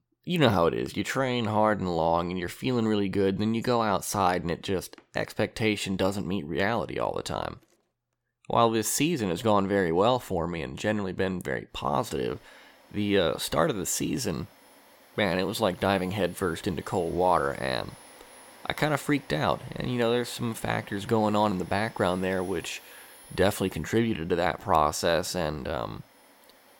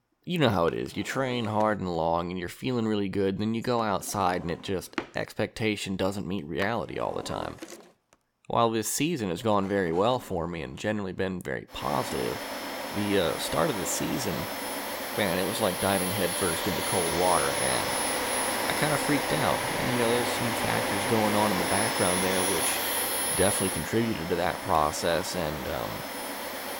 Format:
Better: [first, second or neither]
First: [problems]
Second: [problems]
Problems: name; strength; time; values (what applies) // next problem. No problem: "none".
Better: first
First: household noises; faint; throughout; 25 dB below the speech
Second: household noises; loud; throughout; as loud as the speech